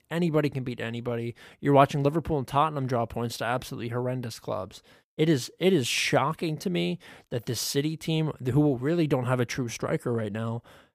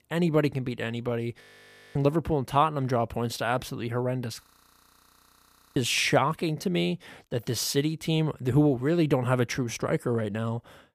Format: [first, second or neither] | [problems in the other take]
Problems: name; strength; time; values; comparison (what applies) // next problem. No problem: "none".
first | audio freezing; at 1.5 s for 0.5 s and at 4.5 s for 1.5 s